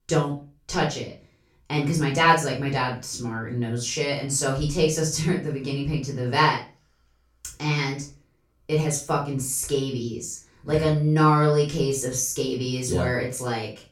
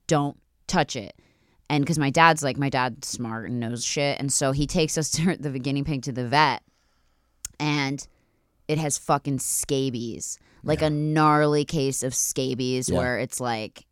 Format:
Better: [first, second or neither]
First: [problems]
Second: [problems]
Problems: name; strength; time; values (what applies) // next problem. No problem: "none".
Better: second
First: off-mic speech; far // room echo; slight; dies away in 0.3 s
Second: none